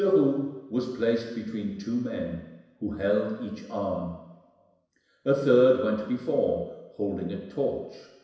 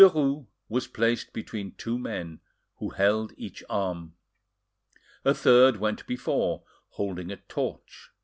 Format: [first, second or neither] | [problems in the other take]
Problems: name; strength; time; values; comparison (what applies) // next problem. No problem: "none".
second | room echo; dies away in 1 s